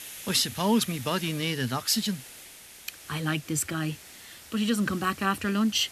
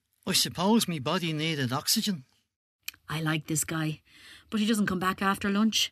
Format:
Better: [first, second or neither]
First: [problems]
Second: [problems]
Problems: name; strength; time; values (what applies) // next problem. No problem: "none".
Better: second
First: hiss; noticeable; throughout; 15 dB below the speech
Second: none